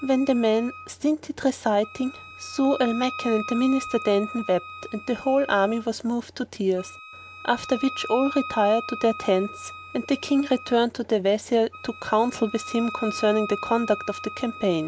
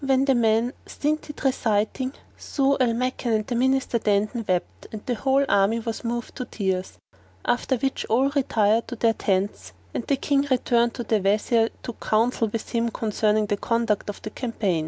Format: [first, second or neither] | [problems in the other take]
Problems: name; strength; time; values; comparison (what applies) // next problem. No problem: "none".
second | background sound (Wind instrument, woodwind instrument); 14 dB below the speech